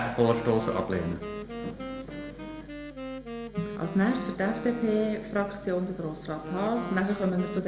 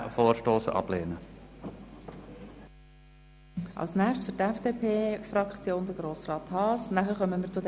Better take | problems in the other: second | background sound (Wind instrument, woodwind instrument); 10 dB below the speech // room echo; dies away in 0.8 s

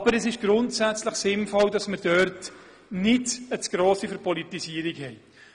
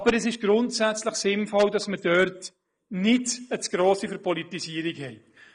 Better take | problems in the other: first | noise reduction (neural mask model Resemble Enhance denoiser)

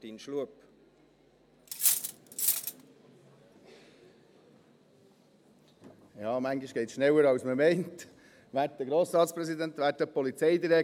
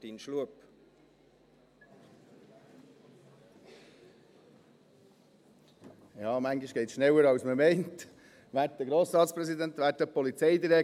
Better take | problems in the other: second | background sound (Cutlery, silverware); as loud as the speech

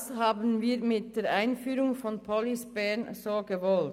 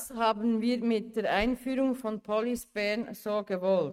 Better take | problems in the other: first | noise reduction (neural mask model RNNoise)

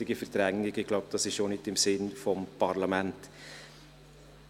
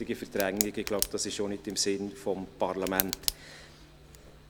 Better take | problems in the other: first | background sound (Tick); 5 dB below the speech

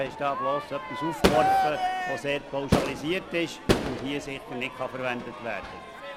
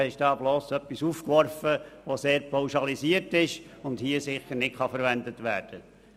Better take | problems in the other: second | background sound (Crowd / Fireworks); 2 dB above the speech

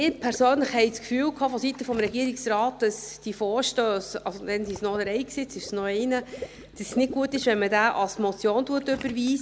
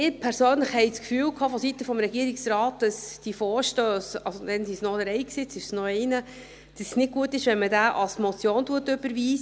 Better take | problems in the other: second | background sound (Water / Liquid); 19 dB below the speech

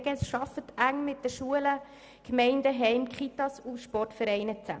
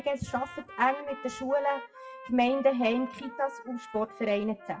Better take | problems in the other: first | noise reduction (classical method WPE with log-MMSE)

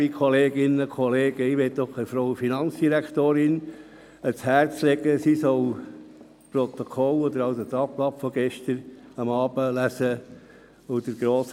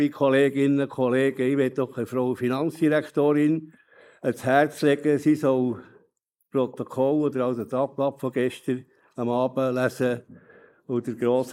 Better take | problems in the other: first | noise reduction (neural mask model Resemble Enhance denoiser)

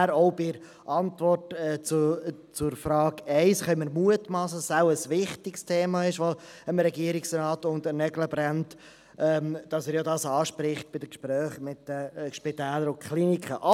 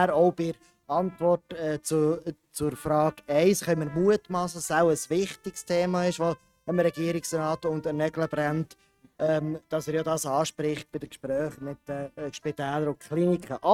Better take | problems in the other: first | noise reduction (neural mask model RNNoise)

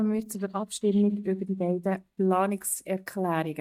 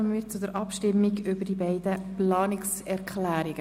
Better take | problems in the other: second | noise reduction (neural mask model DeepFilterNet 3)

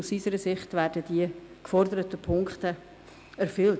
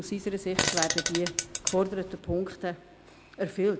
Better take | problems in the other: first | background sound (Fart); 1 dB below the speech

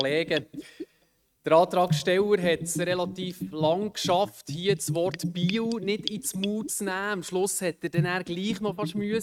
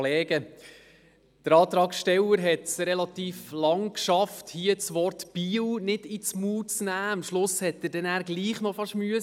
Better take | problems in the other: second | noise reduction (neural mask model RNNoise)

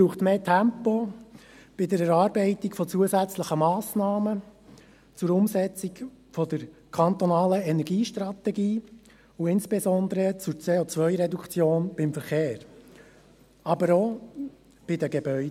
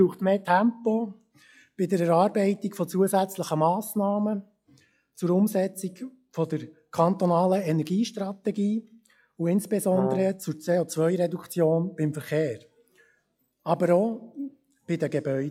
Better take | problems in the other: first | noise reduction (classical method log-MMSE)

